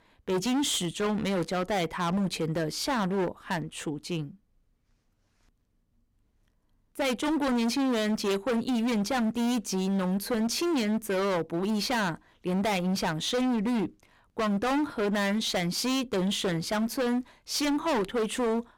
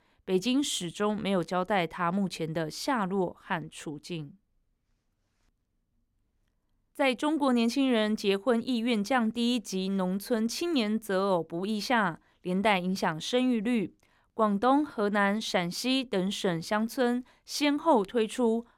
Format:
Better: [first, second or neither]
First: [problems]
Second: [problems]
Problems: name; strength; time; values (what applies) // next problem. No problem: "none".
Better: second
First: distortion; heavy; 23% of the sound clipped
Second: none